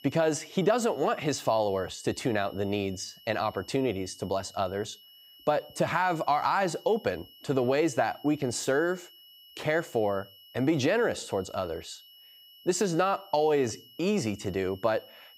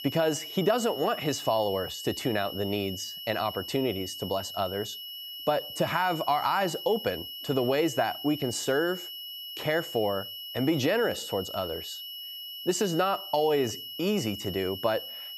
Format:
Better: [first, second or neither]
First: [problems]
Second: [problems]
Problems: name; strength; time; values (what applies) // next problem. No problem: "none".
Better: first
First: high-pitched whine; faint; throughout; 3 kHz, 25 dB below the speech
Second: high-pitched whine; loud; throughout; 3 kHz, 8 dB below the speech